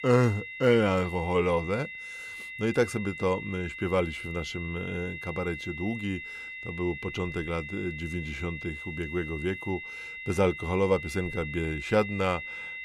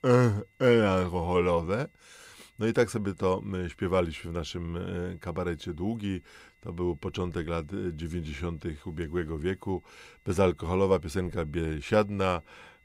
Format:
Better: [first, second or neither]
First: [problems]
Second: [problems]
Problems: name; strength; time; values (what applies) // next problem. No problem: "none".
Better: second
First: high-pitched whine; loud; throughout; 2 kHz, 8 dB below the speech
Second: high-pitched whine; faint; throughout; 2 kHz, 35 dB below the speech